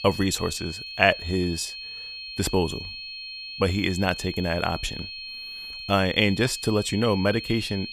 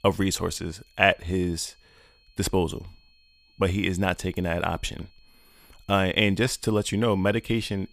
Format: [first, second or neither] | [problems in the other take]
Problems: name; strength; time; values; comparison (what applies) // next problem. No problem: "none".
second | high-pitched whine; loud; throughout; 4.5 kHz, 9 dB below the speech; faint in the second